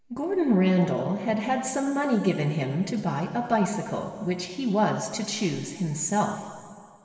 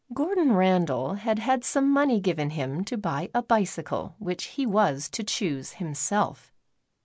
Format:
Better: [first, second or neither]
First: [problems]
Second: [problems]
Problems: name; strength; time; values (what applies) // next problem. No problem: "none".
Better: second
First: room echo; dies away in 2.1 s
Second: none